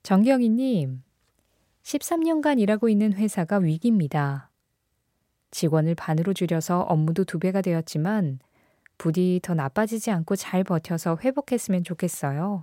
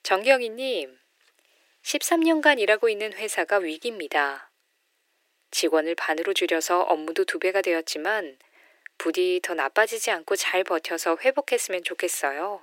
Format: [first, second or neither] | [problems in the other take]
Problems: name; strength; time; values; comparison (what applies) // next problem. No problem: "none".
first | thin; very; fading below 350 Hz